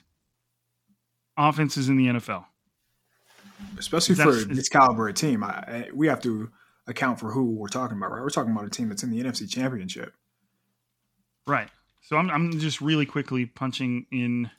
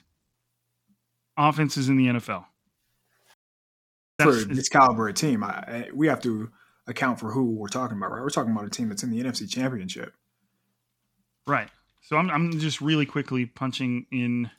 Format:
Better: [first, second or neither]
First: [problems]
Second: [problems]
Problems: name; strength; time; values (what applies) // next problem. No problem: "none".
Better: first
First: none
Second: audio cutting out; at 3.5 s for 1 s